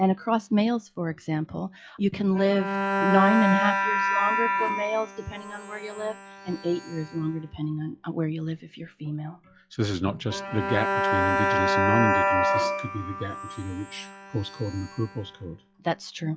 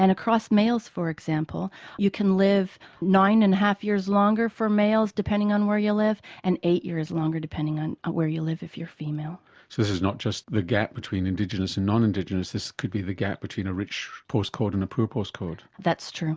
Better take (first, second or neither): second